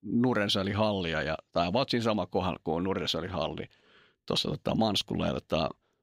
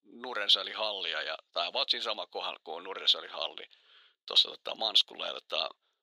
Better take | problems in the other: first | thin; very; fading below 500 Hz

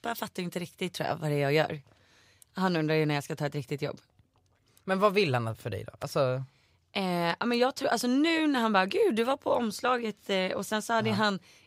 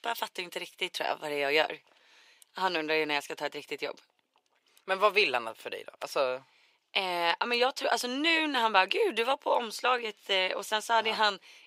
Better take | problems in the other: first | thin; somewhat; fading below 350 Hz

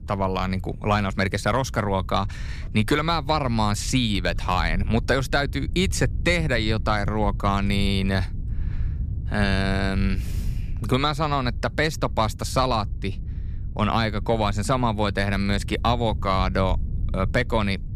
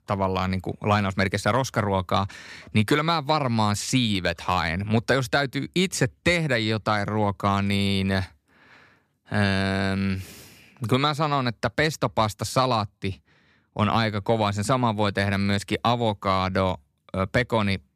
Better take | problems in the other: second | wind noise on the microphone; occasional gusts; 25 dB below the speech

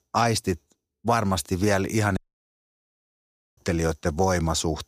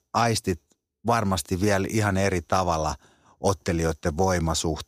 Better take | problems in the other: second | audio cutting out; at 2 s for 1.5 s

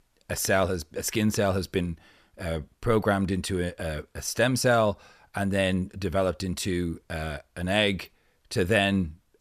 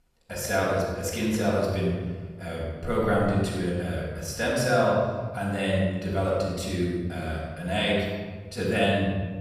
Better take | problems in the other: first | off-mic speech; far // room echo; strong; dies away in 1.5 s

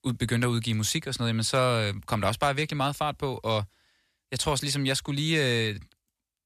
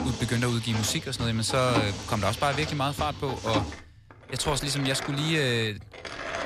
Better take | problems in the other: first | machinery noise; loud; throughout; 8 dB below the speech

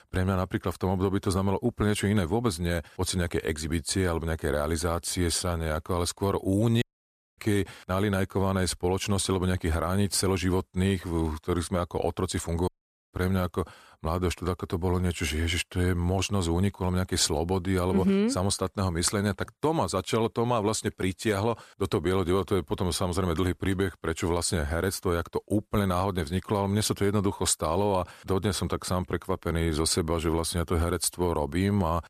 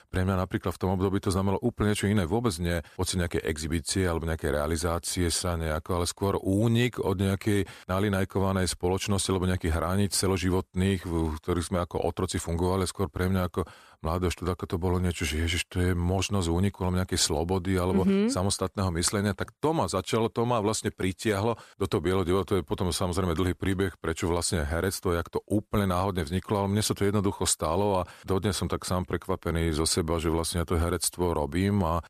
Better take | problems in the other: second | audio cutting out; at 7 s for 0.5 s and at 13 s

